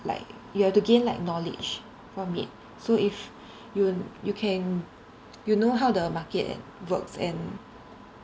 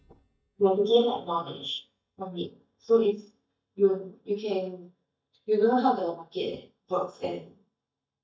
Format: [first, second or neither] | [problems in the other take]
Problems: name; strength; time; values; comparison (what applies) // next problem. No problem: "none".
first | noise reduction (neural mask model DeepFilterNet 3)